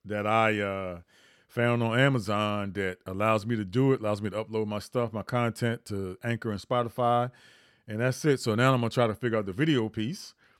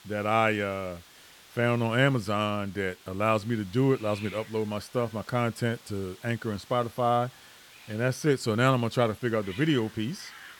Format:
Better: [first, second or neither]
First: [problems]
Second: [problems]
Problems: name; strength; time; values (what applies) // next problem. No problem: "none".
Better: first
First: none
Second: hiss; faint; throughout; 20 dB below the speech